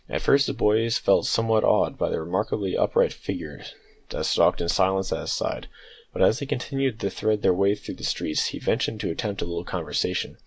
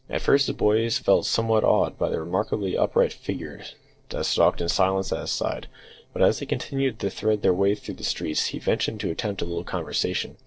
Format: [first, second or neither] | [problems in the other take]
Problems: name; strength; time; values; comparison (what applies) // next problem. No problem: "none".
first | noise reduction (neural separator model SepFormer DNS4)